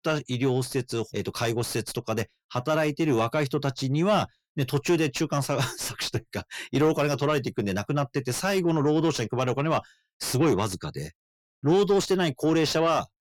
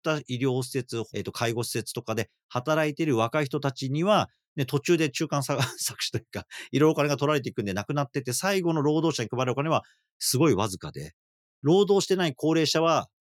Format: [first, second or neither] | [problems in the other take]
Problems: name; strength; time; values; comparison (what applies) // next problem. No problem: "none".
second | distortion; slight; 10 dB below the speech